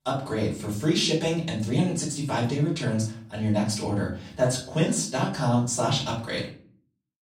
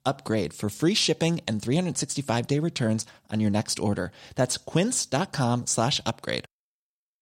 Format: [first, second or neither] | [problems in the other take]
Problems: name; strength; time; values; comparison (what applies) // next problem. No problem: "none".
second | room echo; slight; dies away in 0.4 s // off-mic speech; far